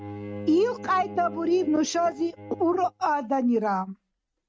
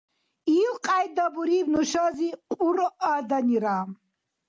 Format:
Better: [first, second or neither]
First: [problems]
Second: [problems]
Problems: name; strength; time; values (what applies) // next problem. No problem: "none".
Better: second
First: noise reduction (neural mask model RNNoise)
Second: none